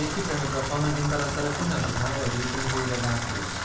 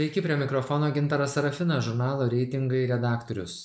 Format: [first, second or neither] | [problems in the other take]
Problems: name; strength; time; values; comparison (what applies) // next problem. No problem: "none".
second | background sound (Bathtub (filling or washing) / Water tap, faucet); 2 dB below the speech // room echo; dies away in 0.6 s